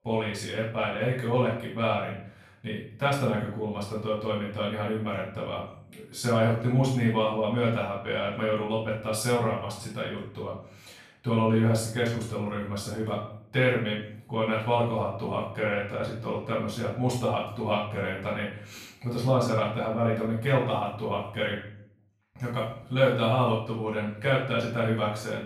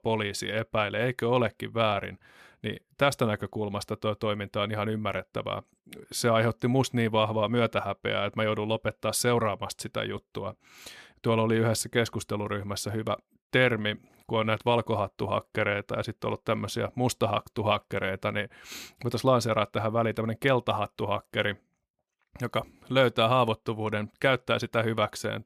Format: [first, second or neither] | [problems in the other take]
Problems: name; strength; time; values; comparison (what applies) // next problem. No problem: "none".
second | off-mic speech; far // room echo; noticeable; dies away in 0.5 s